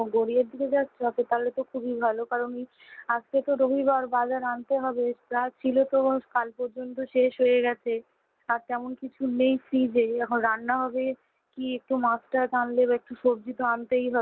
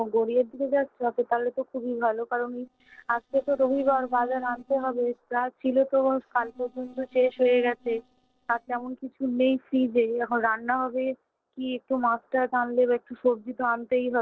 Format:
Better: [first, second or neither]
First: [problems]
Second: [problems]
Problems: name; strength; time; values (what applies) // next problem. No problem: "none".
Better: first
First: none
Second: noise reduction (neural separator model SepFormer DNS4)